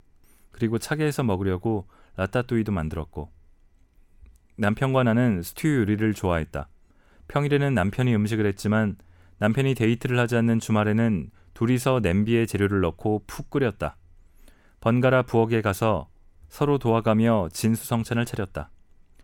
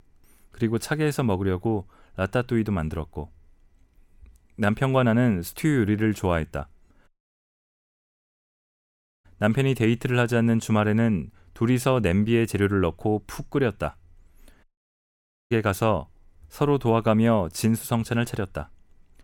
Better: first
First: none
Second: audio cutting out; at 7 s for 2 s and at 15 s for 1 s

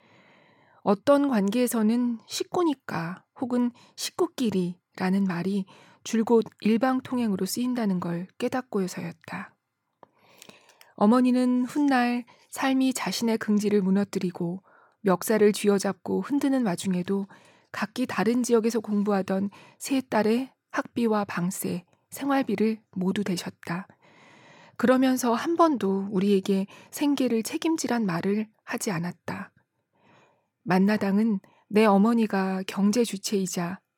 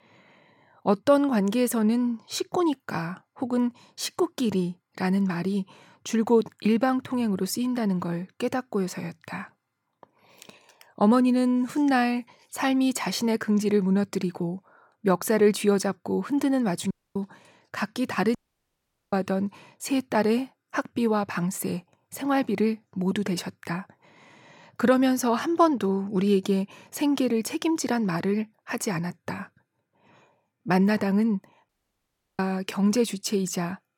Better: first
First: none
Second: audio cutting out; at 17 s, at 18 s for 1 s and at 32 s for 0.5 s

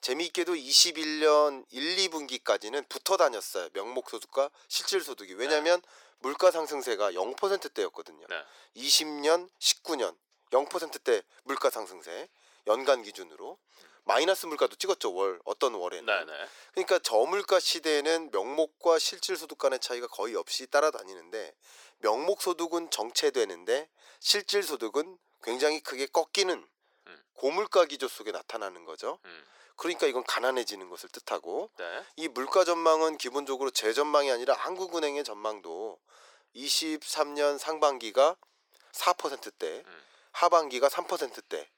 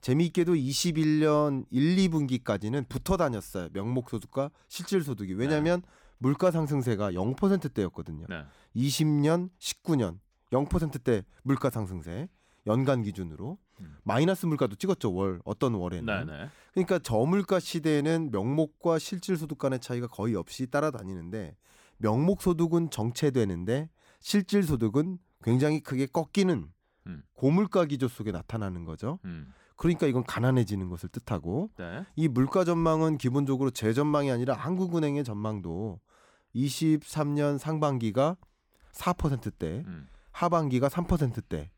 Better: second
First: thin; very; fading below 400 Hz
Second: none

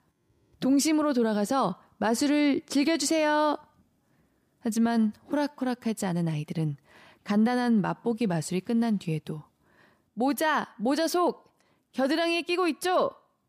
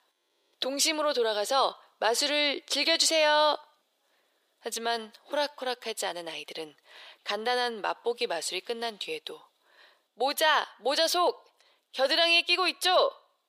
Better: first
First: none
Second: thin; very; fading below 450 Hz

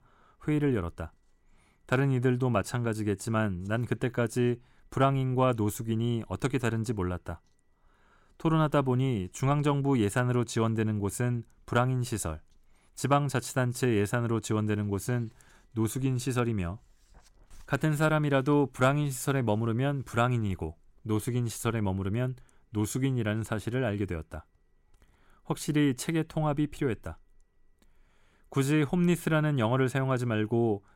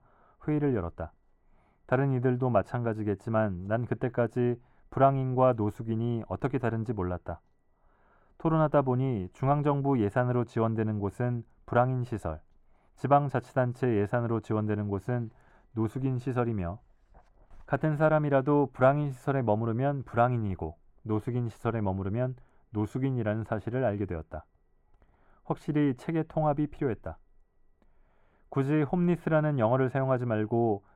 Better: first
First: none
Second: muffled; very; fading above 3 kHz

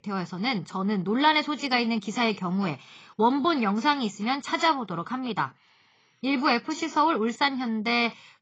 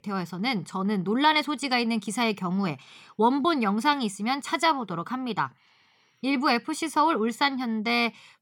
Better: second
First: garbled, watery; badly; nothing above 7.5 kHz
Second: none

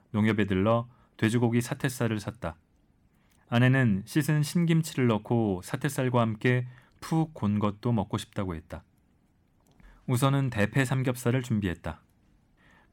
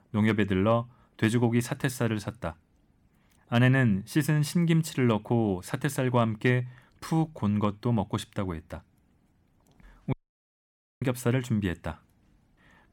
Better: first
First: none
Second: audio cutting out; at 10 s for 1 s

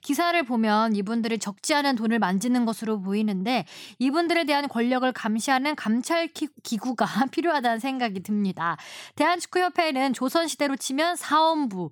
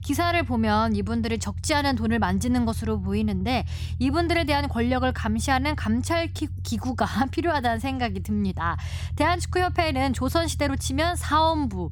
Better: first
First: none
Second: low rumble; faint; throughout; 25 dB below the speech

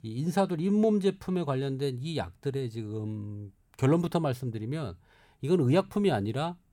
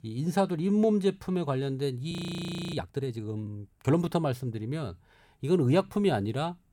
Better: first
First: none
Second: audio freezing; at 2 s for 0.5 s

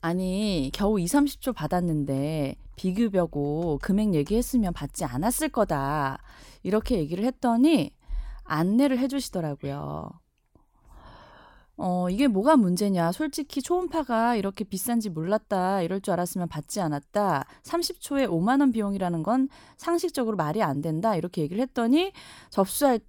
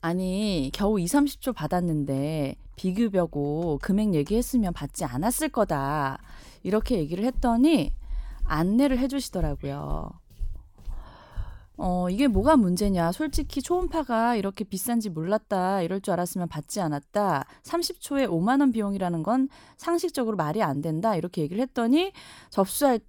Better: first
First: none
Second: footsteps; noticeable; from 7 to 14 s; peak 10 dB below the speech

